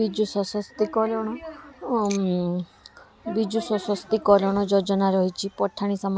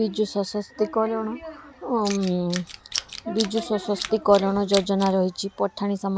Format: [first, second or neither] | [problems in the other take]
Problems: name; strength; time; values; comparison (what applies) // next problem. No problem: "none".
first | background sound (Tools); 11 dB below the speech